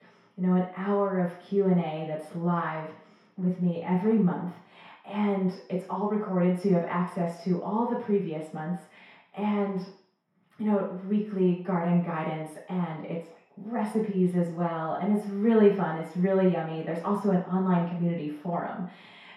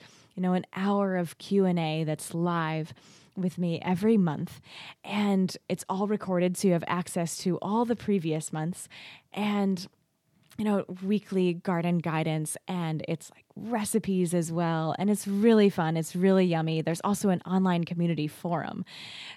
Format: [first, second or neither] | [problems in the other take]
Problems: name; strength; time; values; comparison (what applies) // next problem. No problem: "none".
second | room echo; noticeable; dies away in 0.6 s // off-mic speech; far